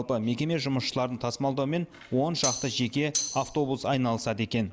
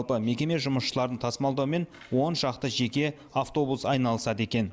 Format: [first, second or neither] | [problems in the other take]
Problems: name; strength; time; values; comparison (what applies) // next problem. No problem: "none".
second | background sound (Tambourine); 5 dB below the speech